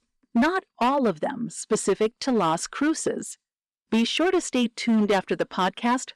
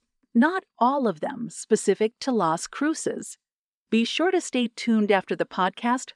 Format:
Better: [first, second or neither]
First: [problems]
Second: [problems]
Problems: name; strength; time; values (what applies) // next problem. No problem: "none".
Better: second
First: distortion; slight; 8% of the sound clipped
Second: none